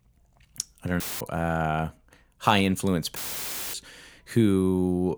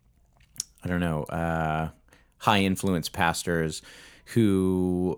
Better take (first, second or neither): second